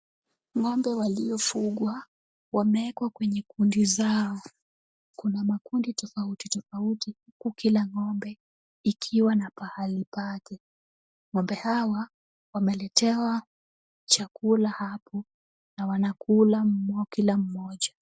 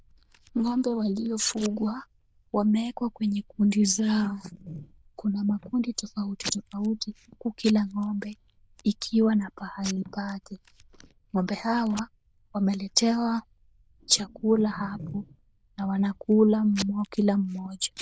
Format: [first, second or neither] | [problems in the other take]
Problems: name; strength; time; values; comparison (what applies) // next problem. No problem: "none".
first | noise reduction (neural diffusion model UNIVERSE++)